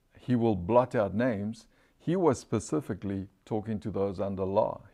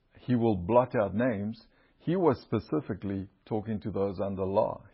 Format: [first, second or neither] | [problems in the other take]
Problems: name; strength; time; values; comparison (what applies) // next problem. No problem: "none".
first | garbled, watery; badly; nothing above 5.5 kHz